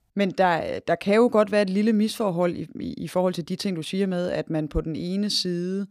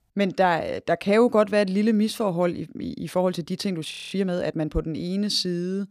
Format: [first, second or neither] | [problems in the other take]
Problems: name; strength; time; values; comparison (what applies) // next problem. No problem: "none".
first | audio freezing; at 4 s